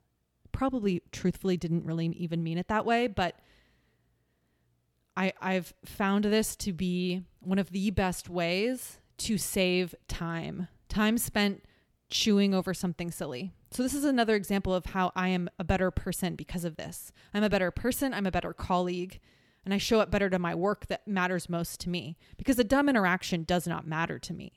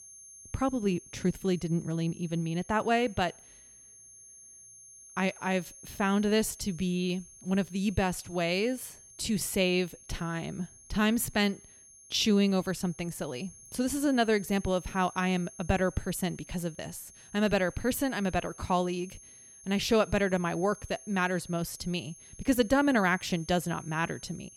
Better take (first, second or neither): first